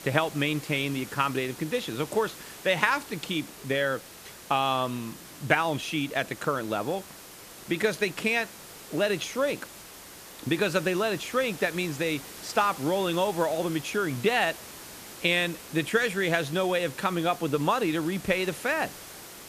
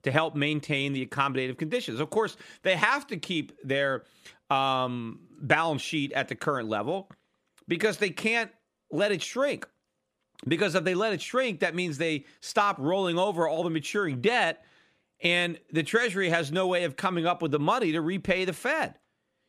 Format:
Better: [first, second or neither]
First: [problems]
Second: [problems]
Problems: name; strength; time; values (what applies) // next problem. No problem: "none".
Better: second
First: hiss; noticeable; throughout; 15 dB below the speech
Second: none